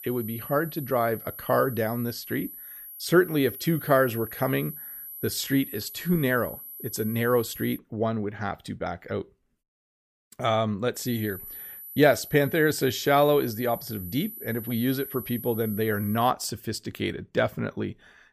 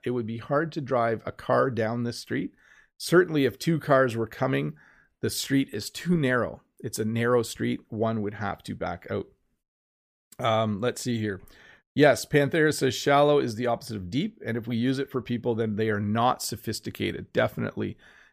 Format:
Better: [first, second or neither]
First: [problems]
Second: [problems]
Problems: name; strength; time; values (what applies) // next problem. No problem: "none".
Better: second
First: high-pitched whine; noticeable; until 8 s and from 11 to 16 s; 12 kHz, 10 dB below the speech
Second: none